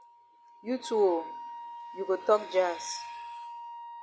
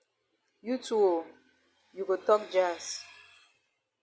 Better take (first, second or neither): second